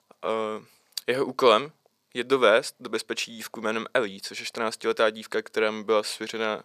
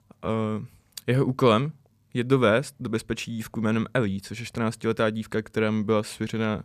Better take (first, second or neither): second